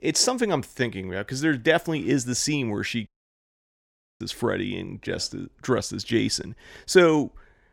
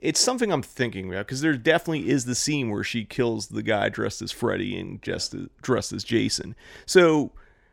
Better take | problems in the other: second | audio cutting out; at 3 s for 1 s

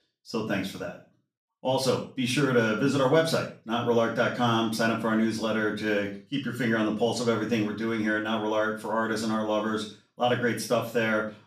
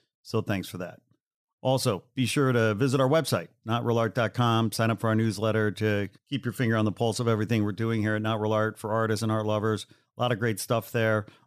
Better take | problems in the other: second | room echo; noticeable; dies away in 0.4 s // off-mic speech; far

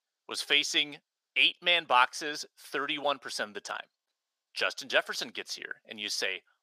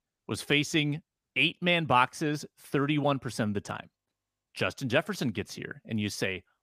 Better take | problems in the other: second | thin; very; fading below 600 Hz

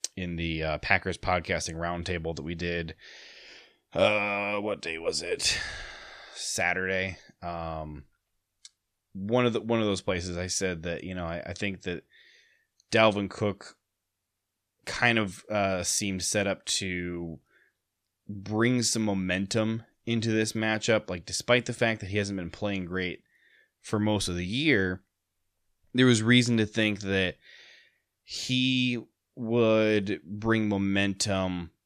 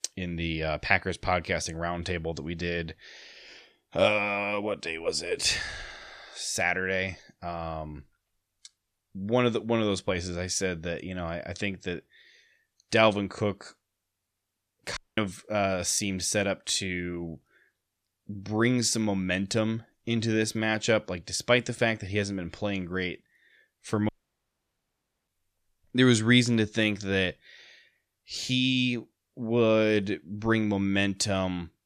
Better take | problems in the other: first | audio cutting out; at 15 s and at 24 s for 1 s

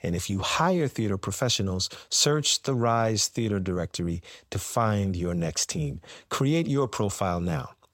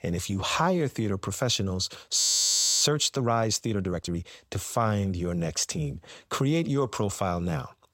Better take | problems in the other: first | audio freezing; at 2 s for 0.5 s

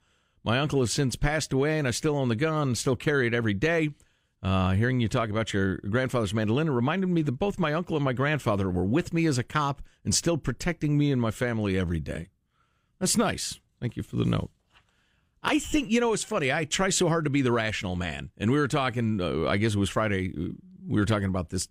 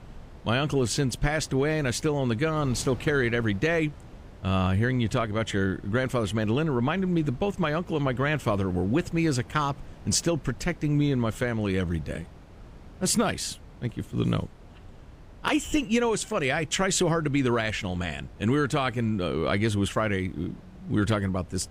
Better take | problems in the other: first | wind noise on the microphone; occasional gusts; 25 dB below the speech

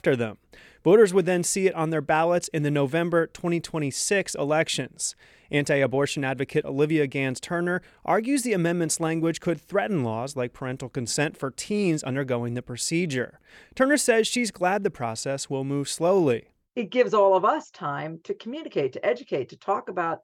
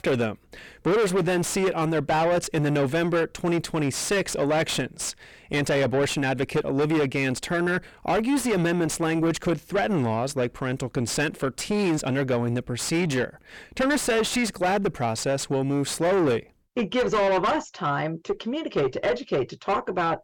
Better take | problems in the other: first | distortion; heavy; 5 dB below the speech

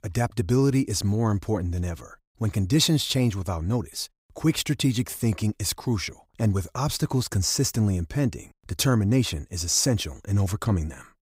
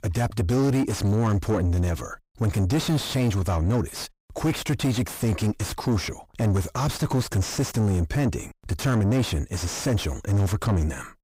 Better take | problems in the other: first | distortion; heavy; 6 dB below the speech

